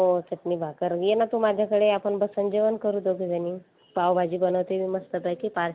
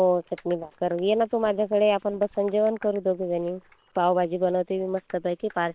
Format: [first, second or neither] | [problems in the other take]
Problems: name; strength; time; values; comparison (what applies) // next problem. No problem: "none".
first | noise reduction (neural separator model SepFormer WHAM!)